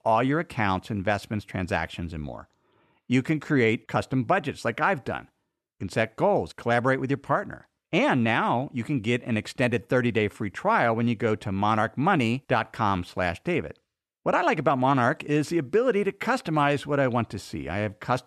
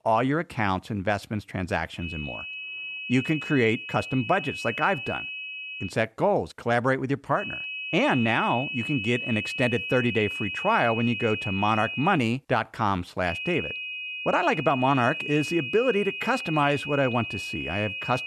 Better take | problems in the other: first | high-pitched whine; loud; from 2 to 6 s, from 7.5 to 12 s and from 13 s on; 2.5 kHz, 6 dB below the speech

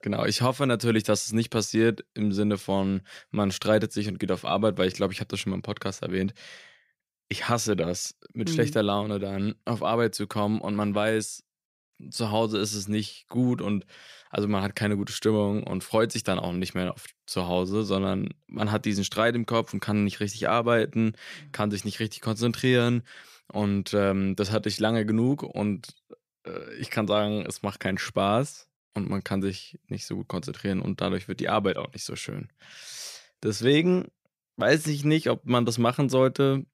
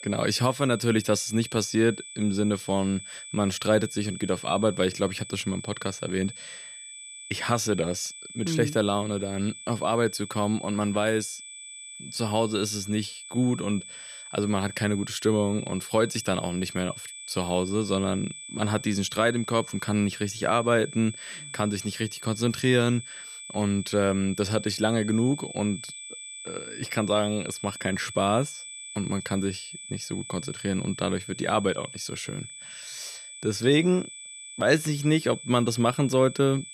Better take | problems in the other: first | high-pitched whine; noticeable; throughout; 8 kHz, 10 dB below the speech

